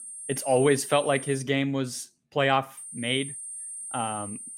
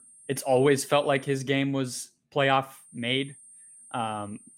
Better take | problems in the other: second | high-pitched whine; loud; until 1.5 s and from 3 s on; 8.5 kHz, 9 dB below the speech; faint in the second

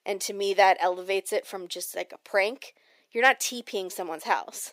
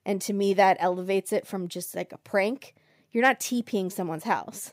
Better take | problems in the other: second | thin; somewhat; fading below 400 Hz

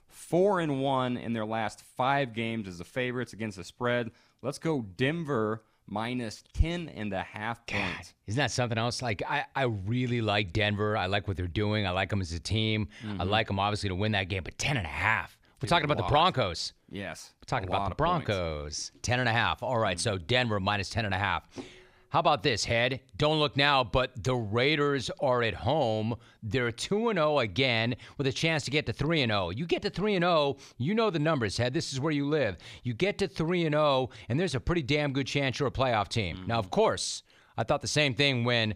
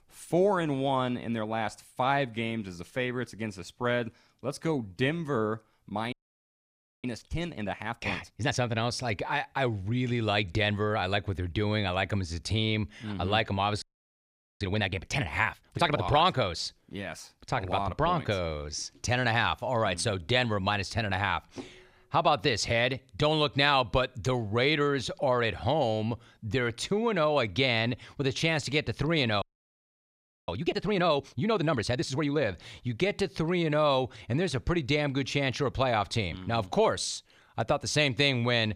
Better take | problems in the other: first | audio freezing; at 6 s for 1 s, at 14 s for 1 s and at 29 s for 1 s

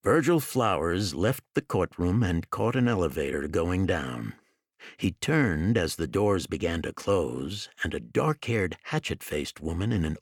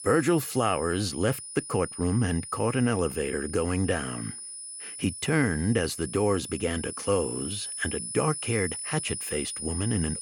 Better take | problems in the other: first | high-pitched whine; loud; throughout; 9.5 kHz, 7 dB below the speech

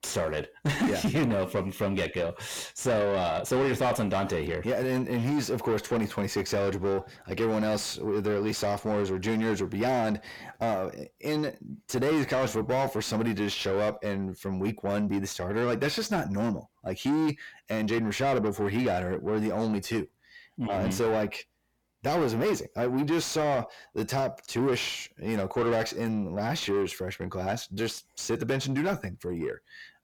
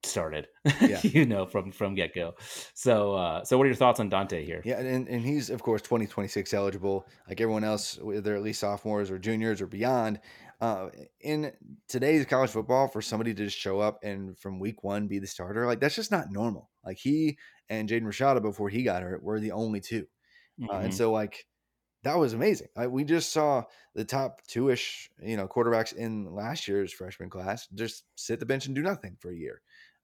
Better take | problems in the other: second | distortion; heavy; 6 dB below the speech

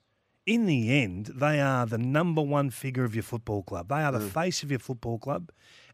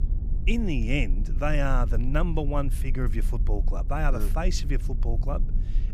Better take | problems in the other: first | low rumble; noticeable; throughout; 15 dB below the speech

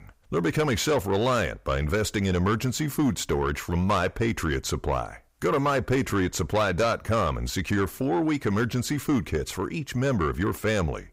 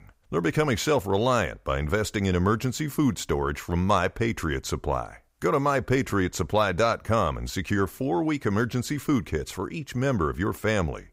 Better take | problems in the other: second | distortion; slight; 10 dB below the speech

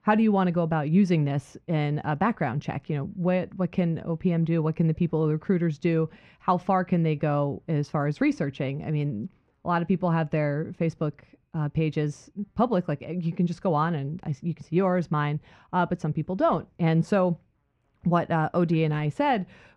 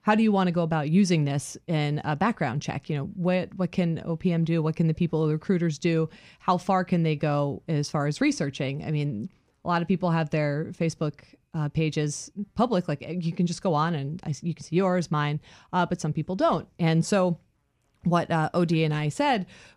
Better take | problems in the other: second | muffled; slightly; fading above 3.5 kHz

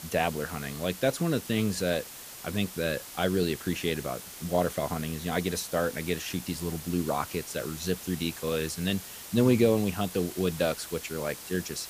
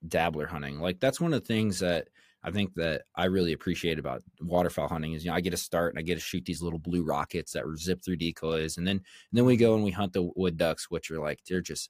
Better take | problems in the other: second | hiss; noticeable; throughout; 10 dB below the speech

